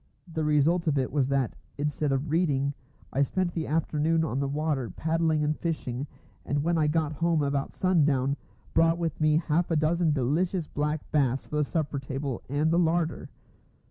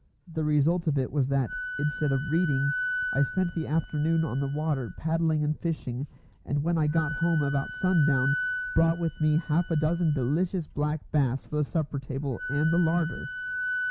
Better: first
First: none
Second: background sound (Wind instrument, woodwind instrument); 10 dB below the speech

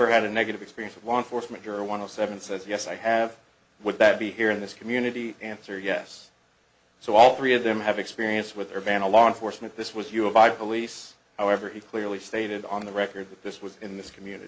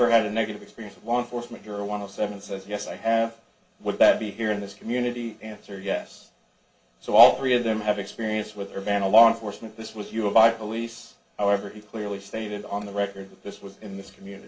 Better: first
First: none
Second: room echo; dies away in 0.2 s

